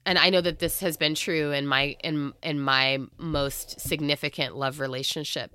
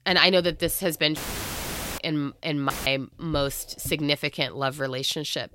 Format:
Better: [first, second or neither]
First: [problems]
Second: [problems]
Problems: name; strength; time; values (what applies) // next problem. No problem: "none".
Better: first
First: none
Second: audio cutting out; filled with static; at 1 s for 1 s and at 2.5 s